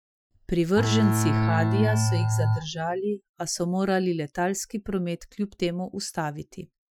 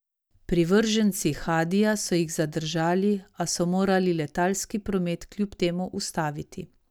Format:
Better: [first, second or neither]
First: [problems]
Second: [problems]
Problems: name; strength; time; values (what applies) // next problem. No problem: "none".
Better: second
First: noise reduction (classical method Wiener filter)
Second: none